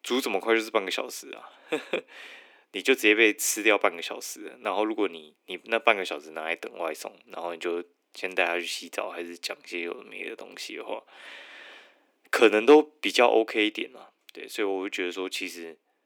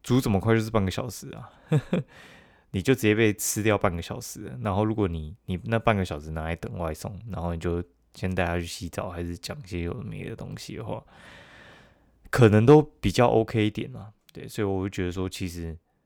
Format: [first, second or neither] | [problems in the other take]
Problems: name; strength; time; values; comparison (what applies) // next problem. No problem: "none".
second | thin; somewhat; fading below 300 Hz